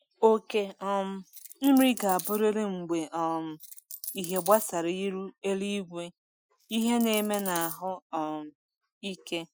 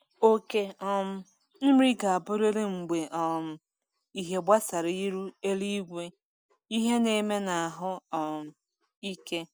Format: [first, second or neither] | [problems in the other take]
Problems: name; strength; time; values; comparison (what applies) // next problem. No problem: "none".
second | noise reduction (classical method Wiener filter)